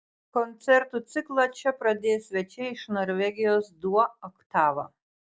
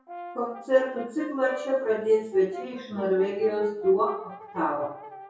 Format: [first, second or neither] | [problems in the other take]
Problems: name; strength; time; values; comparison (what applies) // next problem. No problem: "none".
first | background sound (Brass instrument); 16 dB below the speech // room echo; dies away in 0.6 s